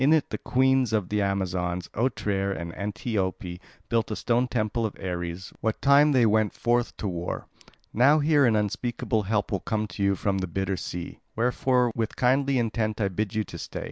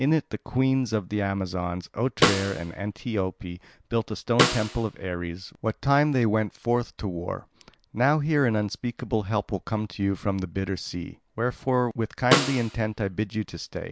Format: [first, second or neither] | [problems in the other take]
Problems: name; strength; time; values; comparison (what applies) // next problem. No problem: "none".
first | background sound (Snare drum); 2 dB below the speech